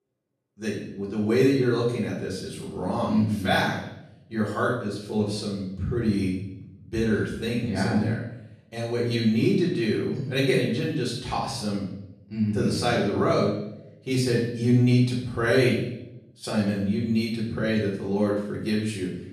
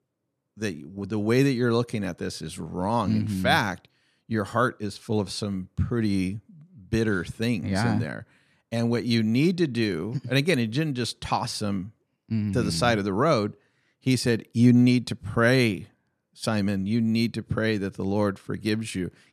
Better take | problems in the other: second | off-mic speech; far // room echo; noticeable; dies away in 0.7 s

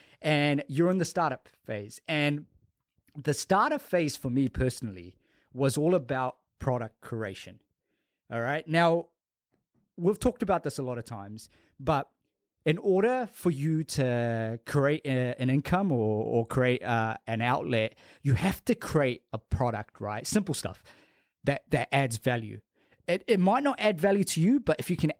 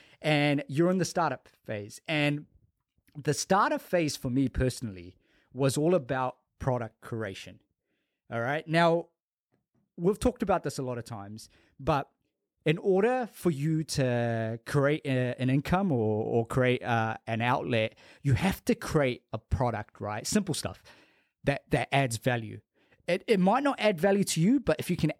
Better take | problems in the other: second | garbled, watery; slightly

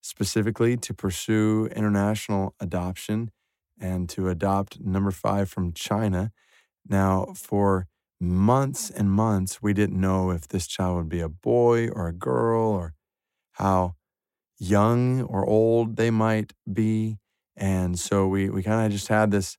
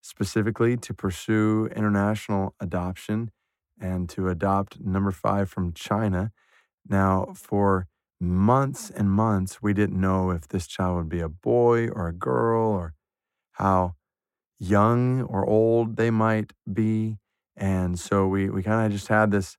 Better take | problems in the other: first | muffled; very slightly; fading above 3 kHz

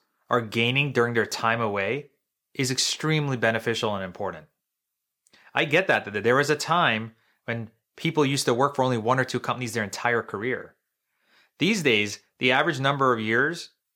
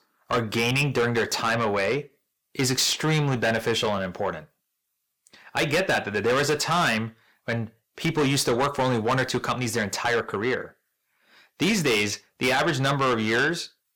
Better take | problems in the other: first | distortion; heavy; 6 dB below the speech

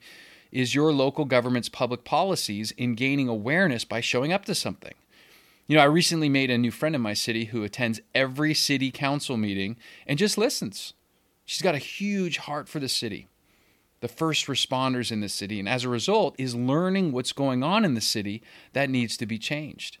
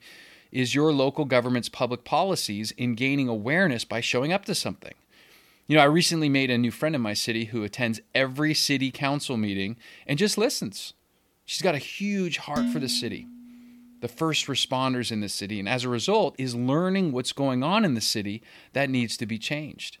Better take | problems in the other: first | clattering dishes; noticeable; at 13 s; peak 3 dB below the speech

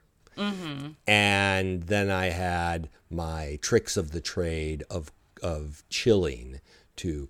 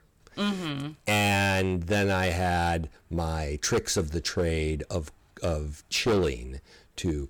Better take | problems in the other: first | distortion; heavy; 7% of the sound clipped

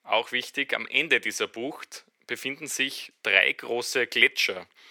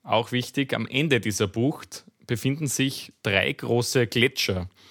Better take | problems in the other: second | thin; very; fading below 450 Hz

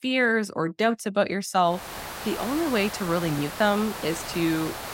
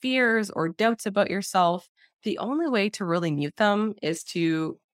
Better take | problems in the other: second | hiss; loud; from 2 s on; 9 dB below the speech

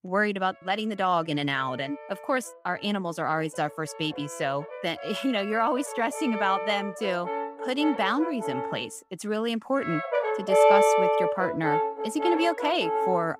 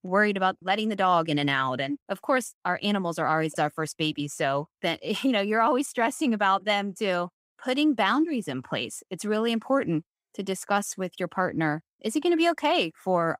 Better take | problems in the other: second | background music; very loud; throughout; 1 dB above the speech

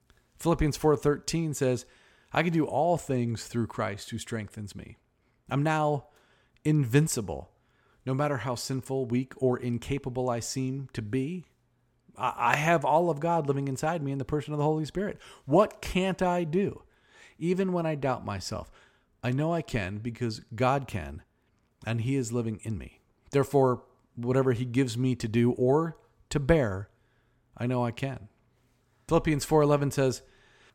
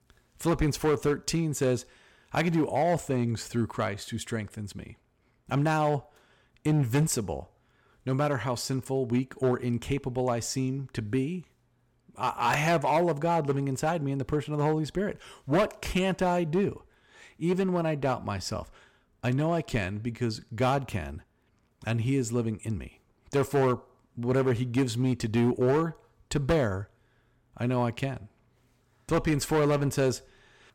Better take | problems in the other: first | distortion; slight; 5% of the sound clipped

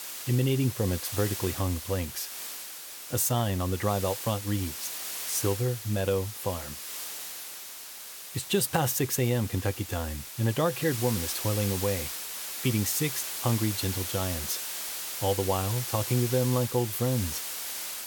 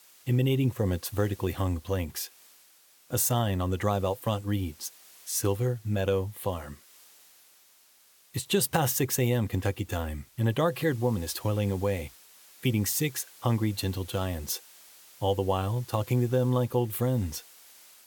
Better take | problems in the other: second | hiss; loud; throughout; 5 dB below the speech; faint in the second

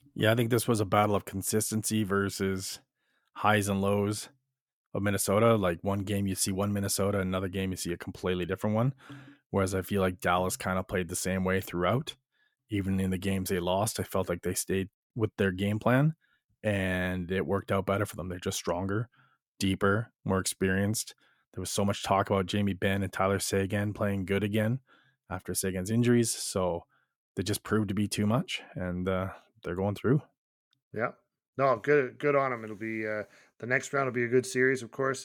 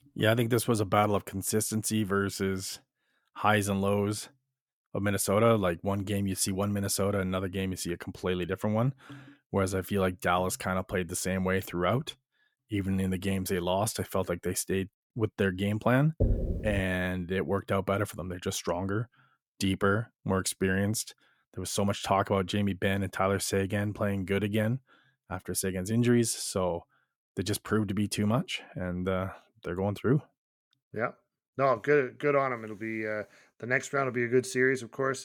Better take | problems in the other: first | door banging; noticeable; at 16 s; peak level with the speech

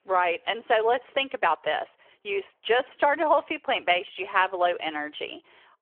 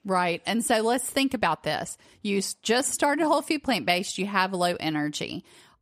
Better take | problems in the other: second | phone-call audio; nothing above 3 kHz

